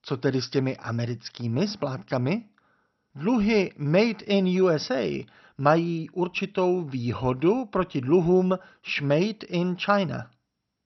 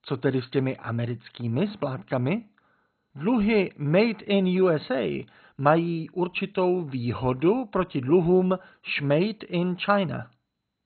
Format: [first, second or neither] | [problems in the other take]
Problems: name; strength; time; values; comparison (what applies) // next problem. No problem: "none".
first | garbled, watery; badly; nothing above 4 kHz; slightly in the first